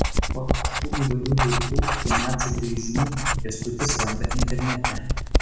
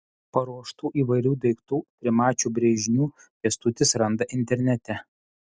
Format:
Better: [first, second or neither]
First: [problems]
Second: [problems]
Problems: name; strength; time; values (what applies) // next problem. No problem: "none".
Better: second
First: background sound (Writing); 4 dB above the speech // room echo; dies away in 1 s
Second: none